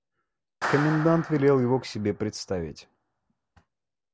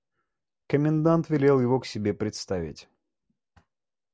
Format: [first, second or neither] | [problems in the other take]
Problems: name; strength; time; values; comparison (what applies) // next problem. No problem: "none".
second | background sound (Clapping); 10 dB below the speech